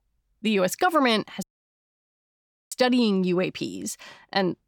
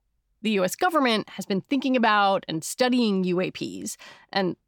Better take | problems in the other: second | audio cutting out; at 1.5 s for 1.5 s

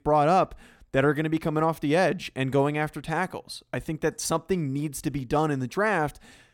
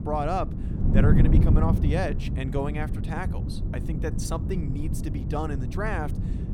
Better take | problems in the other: first | wind noise on the microphone; heavy; 5 dB below the speech

